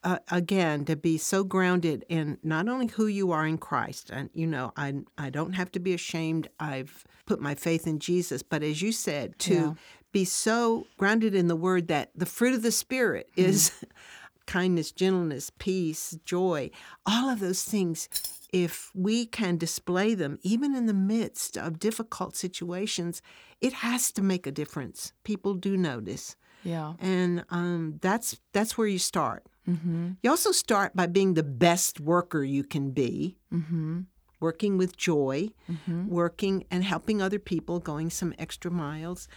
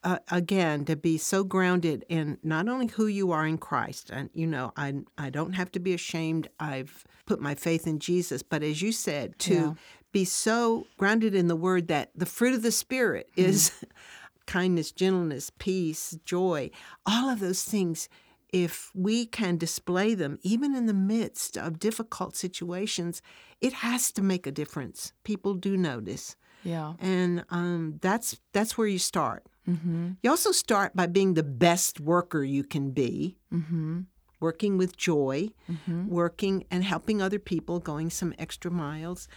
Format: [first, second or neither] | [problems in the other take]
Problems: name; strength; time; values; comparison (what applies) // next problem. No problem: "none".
second | jangling keys; noticeable; at 18 s; peak 4 dB below the speech